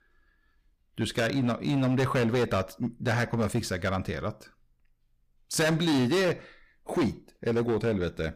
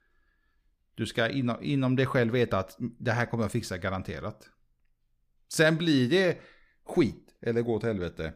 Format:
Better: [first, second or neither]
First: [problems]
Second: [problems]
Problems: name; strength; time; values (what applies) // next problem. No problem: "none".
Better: second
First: distortion; heavy; 11% of the sound clipped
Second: none